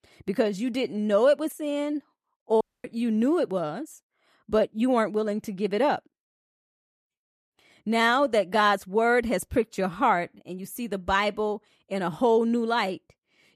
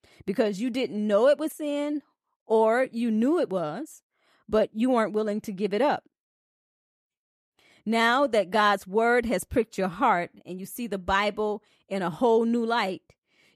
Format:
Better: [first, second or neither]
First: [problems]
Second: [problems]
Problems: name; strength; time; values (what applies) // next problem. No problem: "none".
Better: second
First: audio cutting out; at 2.5 s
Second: none